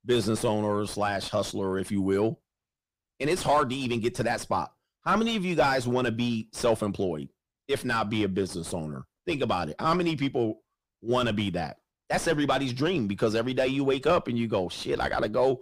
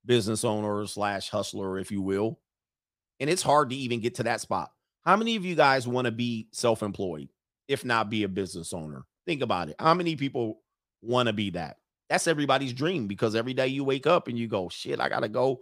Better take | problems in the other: second | distortion; heavy; 6 dB below the speech

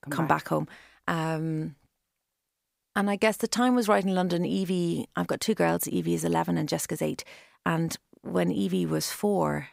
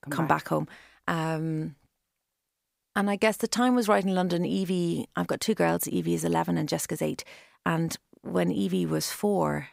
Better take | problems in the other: neither | none

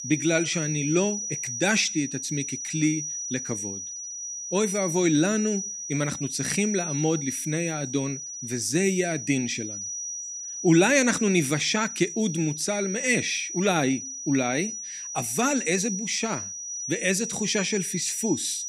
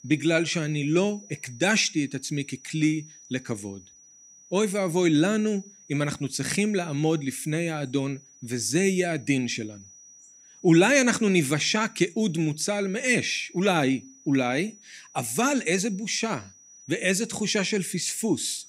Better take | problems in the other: second | high-pitched whine; loud; throughout; 6 kHz, 6 dB below the speech; faint in the second

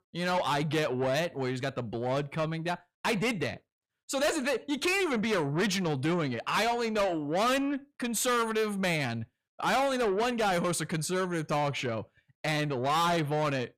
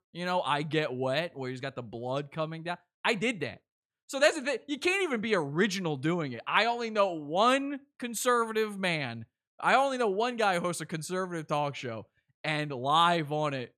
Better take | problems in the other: second | distortion; heavy; 6 dB below the speech

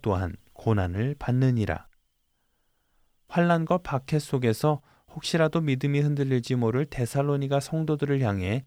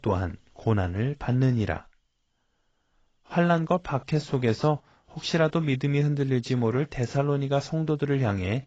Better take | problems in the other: first | garbled, watery; badly; nothing above 7.5 kHz

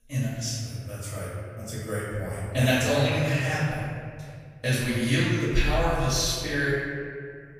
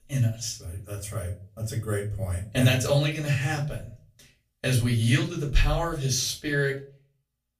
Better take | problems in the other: second | room echo; strong; dies away in 2 s; slight in the second // off-mic speech; far; far in the second

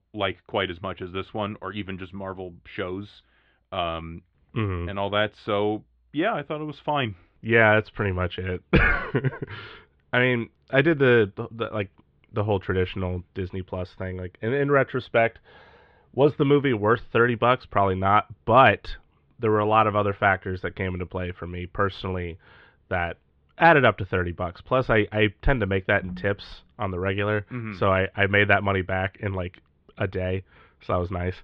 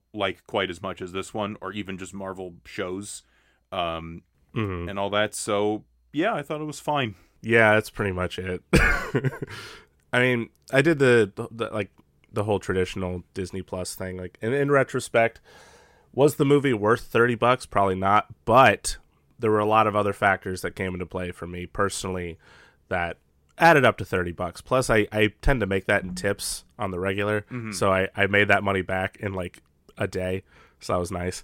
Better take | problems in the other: second | muffled; very; fading above 3.5 kHz

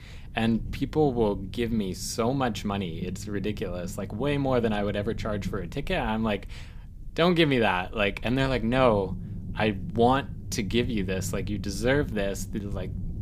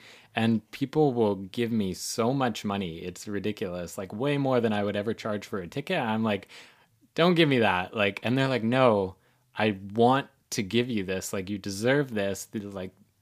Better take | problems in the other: second | low rumble; faint; throughout; 20 dB below the speech

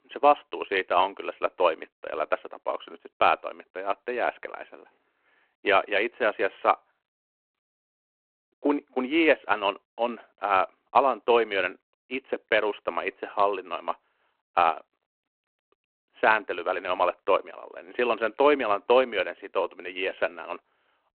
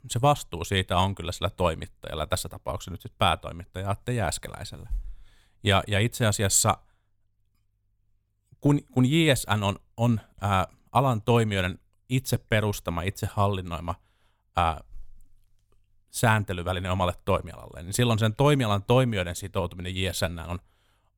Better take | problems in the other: second | phone-call audio

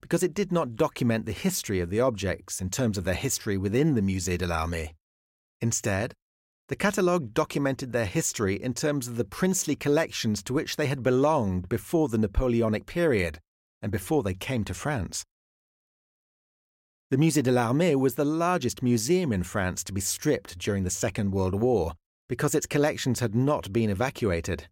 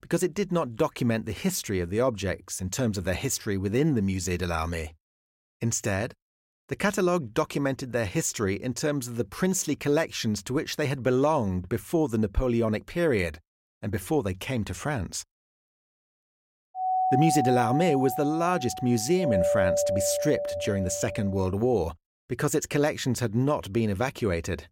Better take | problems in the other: first | doorbell; loud; from 17 to 21 s; peak 3 dB above the speech

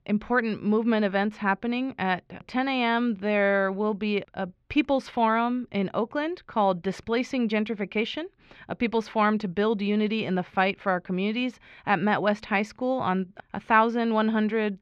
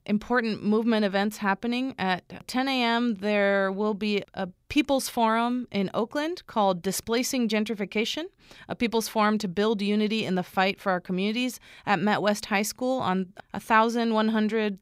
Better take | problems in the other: second | muffled; slightly; fading above 2.5 kHz

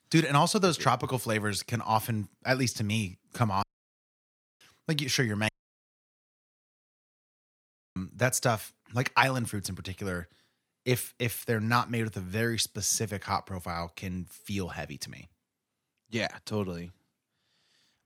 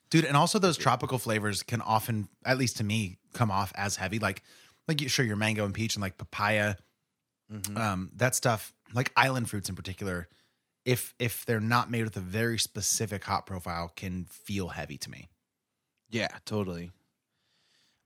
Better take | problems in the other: second | audio cutting out; at 3.5 s for 1 s and at 5.5 s for 2.5 s

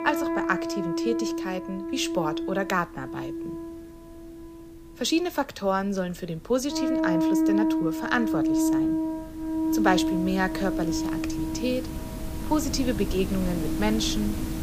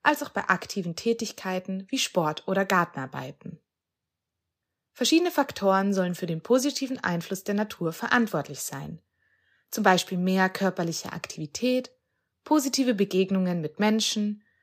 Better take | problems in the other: second | background music; very loud; throughout; as loud as the speech

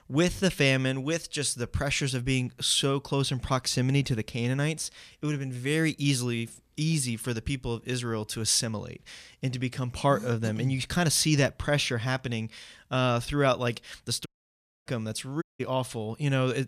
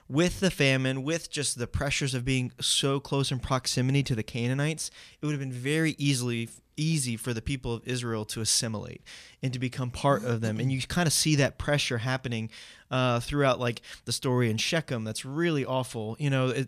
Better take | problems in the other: second | audio cutting out; at 14 s for 0.5 s and at 15 s

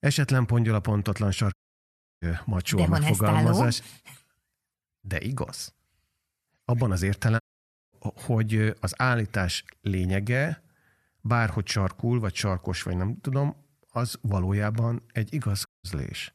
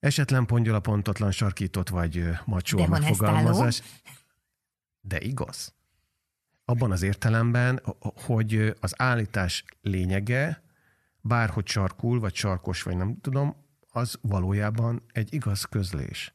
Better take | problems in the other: second | audio cutting out; at 1.5 s for 0.5 s, at 7.5 s for 0.5 s and at 16 s

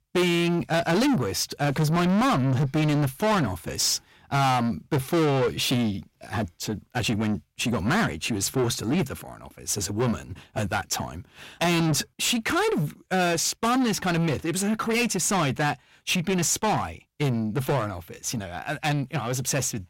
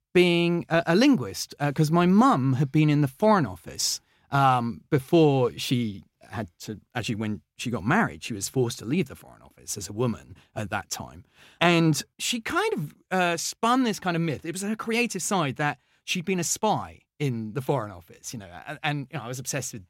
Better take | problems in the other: second | distortion; heavy; 6 dB below the speech

